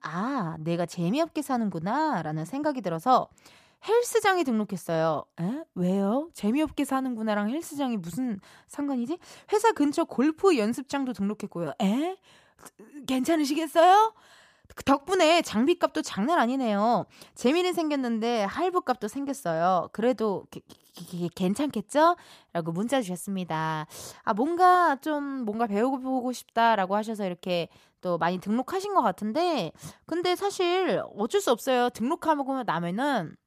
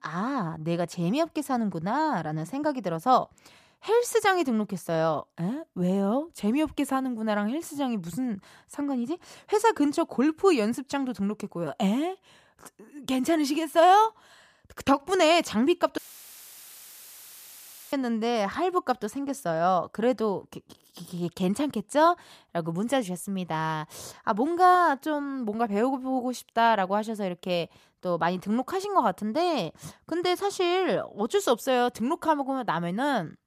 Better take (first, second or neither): first